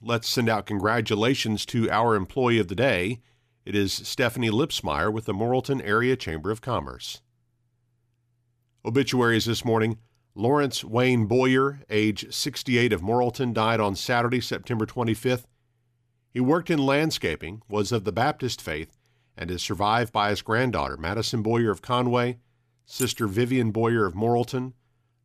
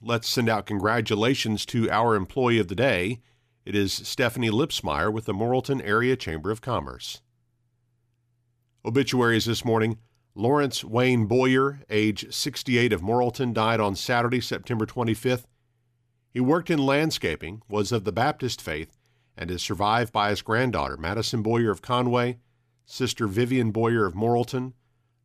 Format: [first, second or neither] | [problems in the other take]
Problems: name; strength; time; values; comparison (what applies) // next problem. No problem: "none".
second | jangling keys; noticeable; at 23 s; peak 10 dB below the speech